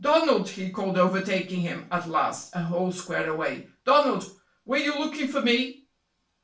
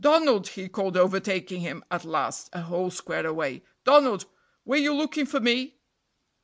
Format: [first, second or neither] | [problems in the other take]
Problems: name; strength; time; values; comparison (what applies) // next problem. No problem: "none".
second | room echo; dies away in 0.3 s